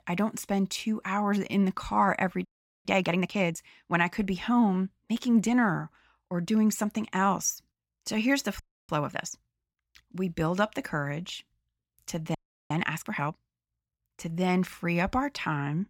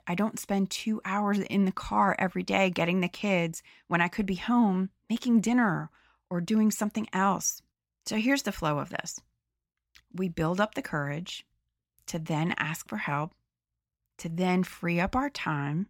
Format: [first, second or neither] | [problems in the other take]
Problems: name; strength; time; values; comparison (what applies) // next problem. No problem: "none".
second | audio freezing; at 2.5 s, at 8.5 s and at 12 s